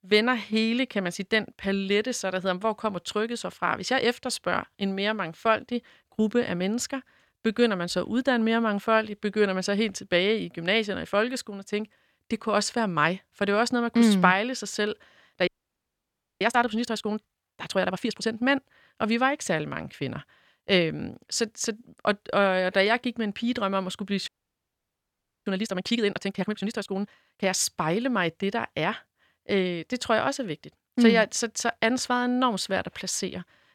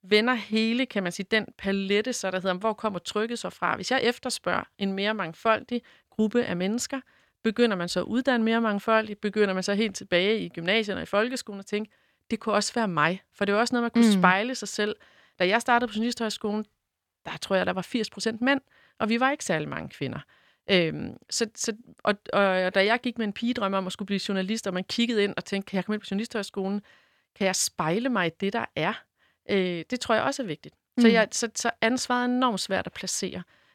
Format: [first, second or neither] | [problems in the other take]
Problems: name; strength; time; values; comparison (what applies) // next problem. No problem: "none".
second | audio freezing; at 15 s for 1 s and at 24 s for 1 s